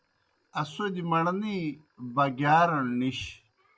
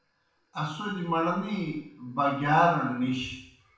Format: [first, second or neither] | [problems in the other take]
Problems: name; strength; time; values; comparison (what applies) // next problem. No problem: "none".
first | room echo; dies away in 0.7 s